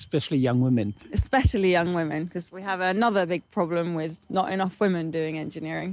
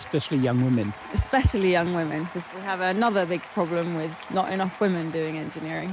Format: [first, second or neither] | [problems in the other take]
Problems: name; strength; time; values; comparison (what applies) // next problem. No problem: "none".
first | background sound (Applause / Cheering); 16 dB below the speech